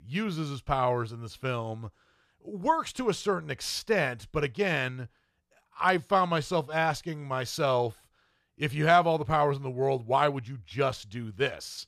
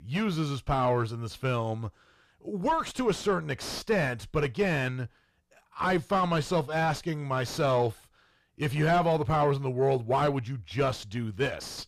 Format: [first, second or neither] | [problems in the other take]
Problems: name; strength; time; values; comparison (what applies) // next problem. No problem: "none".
first | distortion; heavy; 7 dB below the speech